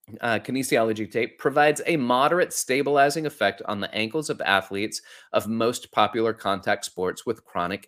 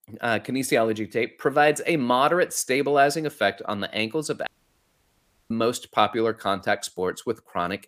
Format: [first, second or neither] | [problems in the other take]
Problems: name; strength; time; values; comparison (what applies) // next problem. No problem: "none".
first | audio cutting out; at 4.5 s for 1 s